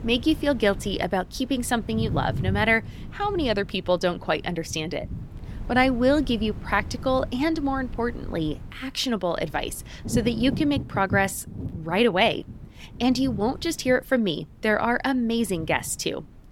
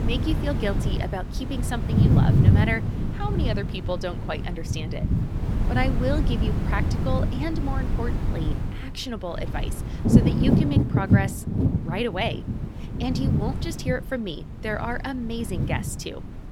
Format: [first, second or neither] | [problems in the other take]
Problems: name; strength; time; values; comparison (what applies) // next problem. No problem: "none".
first | wind noise on the microphone; heavy; 2 dB below the speech; occasional gusts in the first